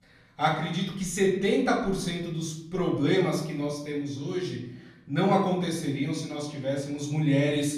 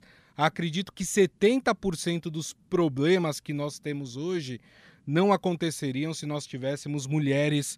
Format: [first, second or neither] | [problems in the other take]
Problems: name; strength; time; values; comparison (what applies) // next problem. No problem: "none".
second | off-mic speech; far // room echo; noticeable; dies away in 0.6 s